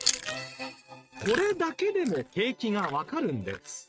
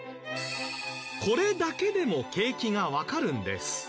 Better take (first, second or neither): second